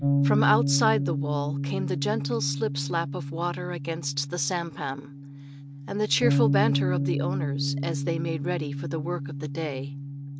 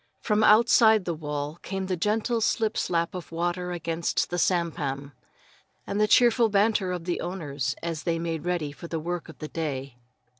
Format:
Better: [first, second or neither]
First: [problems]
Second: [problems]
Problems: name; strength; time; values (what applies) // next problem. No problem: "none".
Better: second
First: background sound (Bass guitar); 1 dB above the speech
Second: none